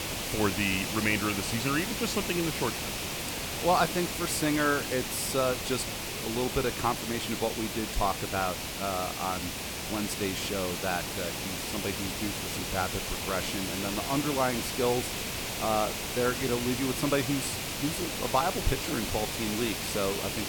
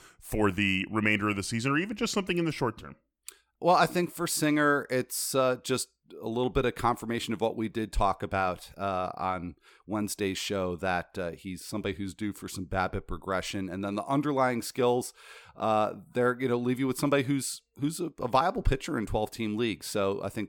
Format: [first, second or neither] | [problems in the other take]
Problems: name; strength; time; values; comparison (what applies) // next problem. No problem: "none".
second | hiss; loud; throughout; 1 dB below the speech